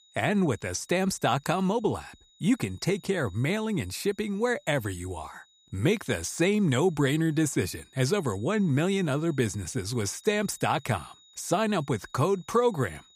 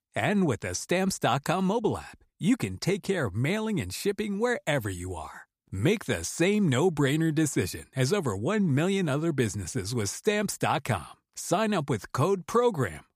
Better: second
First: high-pitched whine; faint; throughout; 4 kHz, 30 dB below the speech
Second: none

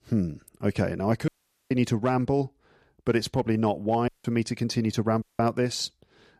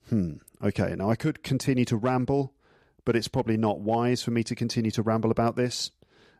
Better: second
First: audio cutting out; at 1.5 s, at 4 s and at 5 s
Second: none

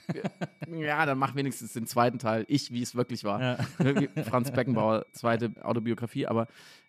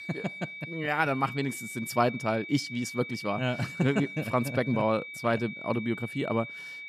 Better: first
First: high-pitched whine; faint; throughout; 2.5 kHz, 35 dB below the speech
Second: high-pitched whine; loud; throughout; 2.5 kHz, 9 dB below the speech

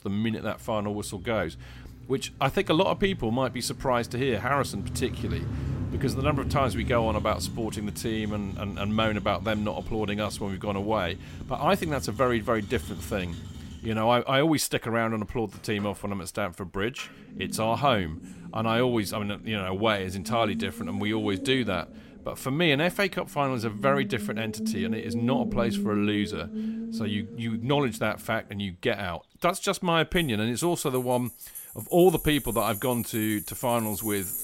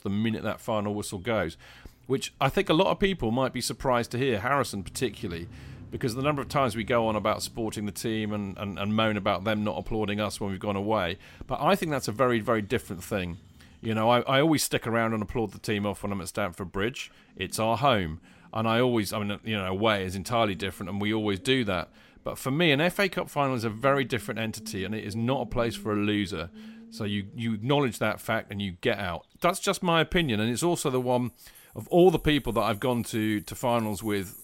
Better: second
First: traffic noise; loud; throughout; 9 dB below the speech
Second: traffic noise; faint; throughout; 25 dB below the speech

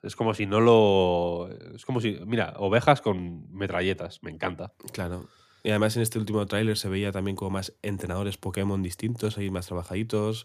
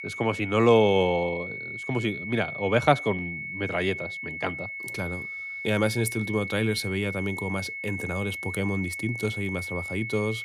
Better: first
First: none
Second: high-pitched whine; loud; throughout; 2 kHz, 6 dB below the speech

